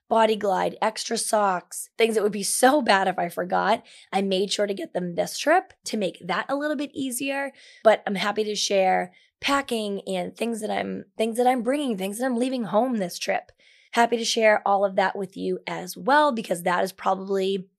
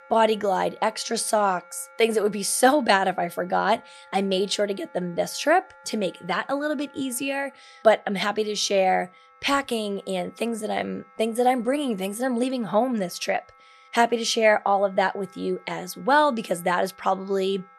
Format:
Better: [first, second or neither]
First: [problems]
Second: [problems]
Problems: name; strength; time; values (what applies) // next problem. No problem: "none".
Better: first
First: none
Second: background music; faint; throughout; 25 dB below the speech